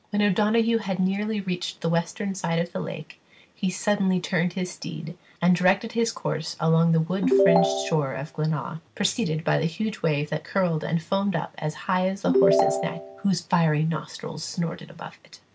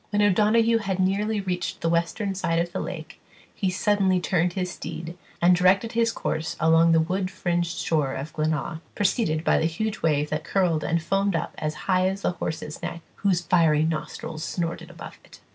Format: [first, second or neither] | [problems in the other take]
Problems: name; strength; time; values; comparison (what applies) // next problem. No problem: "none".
second | background sound (Ringtone / Chime); 2 dB above the speech